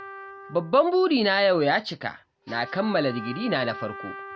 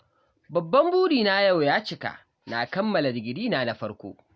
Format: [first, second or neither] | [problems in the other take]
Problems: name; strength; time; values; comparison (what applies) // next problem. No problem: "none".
second | background sound (Trumpet); 16 dB below the speech